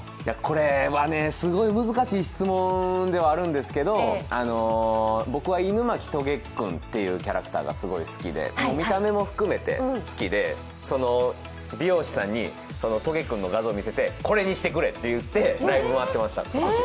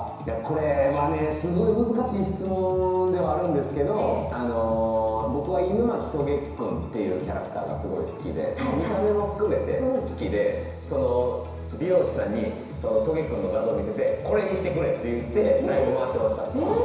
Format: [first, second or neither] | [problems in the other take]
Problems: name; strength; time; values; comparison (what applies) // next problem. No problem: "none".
first | room echo; dies away in 1 s